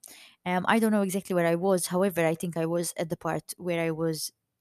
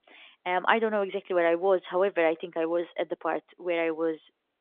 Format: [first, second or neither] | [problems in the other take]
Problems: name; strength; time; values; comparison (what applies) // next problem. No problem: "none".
first | phone-call audio; nothing above 3.5 kHz